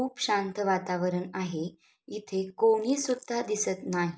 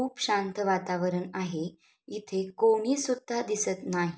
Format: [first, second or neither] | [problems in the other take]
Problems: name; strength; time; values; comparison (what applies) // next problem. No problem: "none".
second | noise reduction (neural mask model Resemble Enhance denoiser)